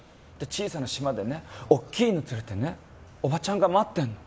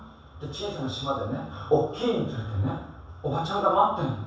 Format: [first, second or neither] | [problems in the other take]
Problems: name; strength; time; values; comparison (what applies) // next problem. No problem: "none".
first | room echo; dies away in 0.7 s